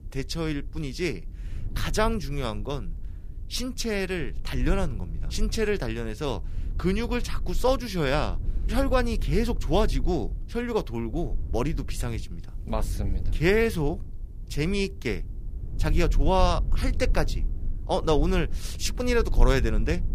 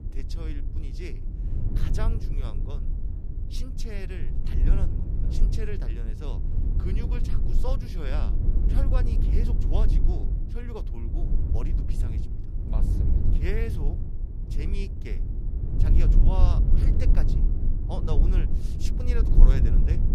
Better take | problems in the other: first | low rumble; loud; throughout; 2 dB below the speech; faint in the first

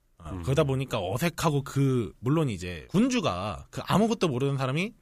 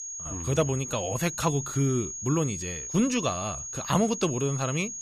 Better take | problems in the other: first | high-pitched whine; loud; throughout; 6.5 kHz, 6 dB below the speech

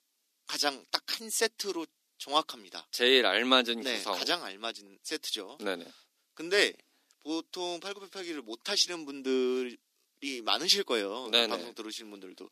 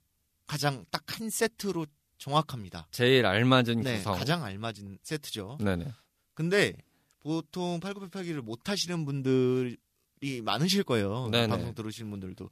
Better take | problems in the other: second | thin; somewhat; fading below 250 Hz

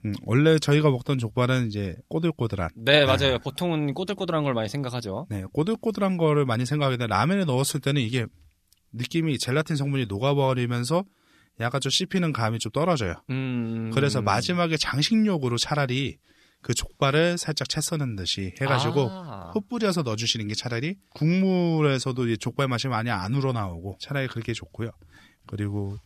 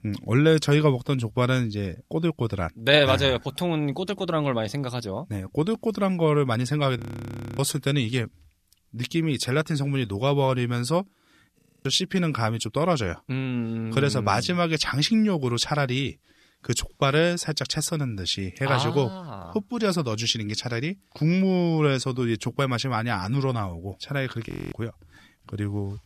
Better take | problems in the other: first | audio freezing; at 7 s for 0.5 s, at 12 s and at 24 s

